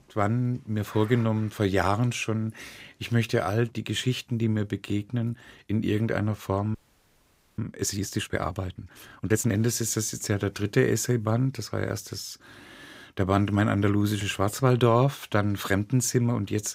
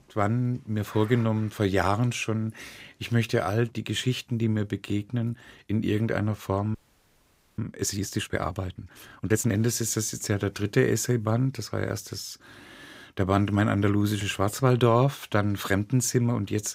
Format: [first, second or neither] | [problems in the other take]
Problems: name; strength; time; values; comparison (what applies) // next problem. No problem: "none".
neither | audio freezing; at 7 s for 1 s; the same in both